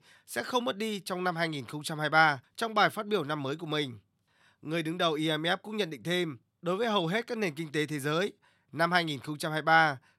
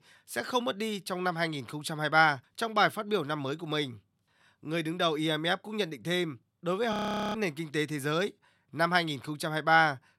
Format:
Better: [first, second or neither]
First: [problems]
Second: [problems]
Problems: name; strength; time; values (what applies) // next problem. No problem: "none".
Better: first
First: none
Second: audio freezing; at 7 s